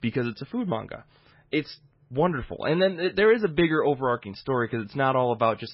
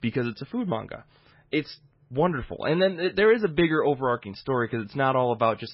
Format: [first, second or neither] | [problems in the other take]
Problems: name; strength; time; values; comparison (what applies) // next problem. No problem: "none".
neither | garbled, watery; badly; nothing above 5.5 kHz; the same in both